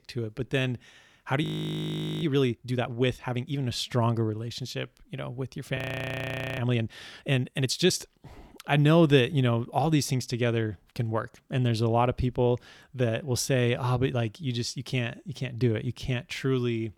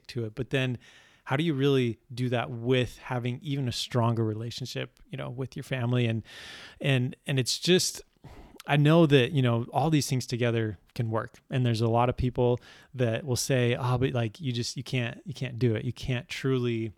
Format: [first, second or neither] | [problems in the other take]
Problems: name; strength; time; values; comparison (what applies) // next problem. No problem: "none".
second | audio freezing; at 1.5 s for 1 s and at 6 s for 1 s